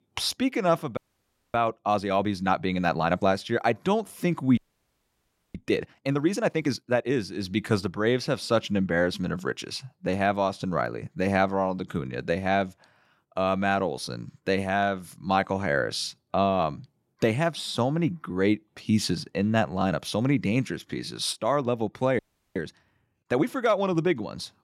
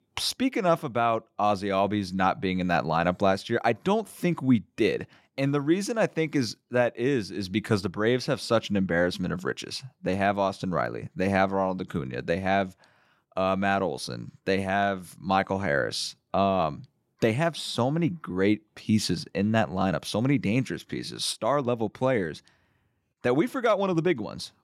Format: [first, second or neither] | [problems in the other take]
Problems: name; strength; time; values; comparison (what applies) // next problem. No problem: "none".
second | audio freezing; at 1 s for 0.5 s, at 4.5 s for 1 s and at 22 s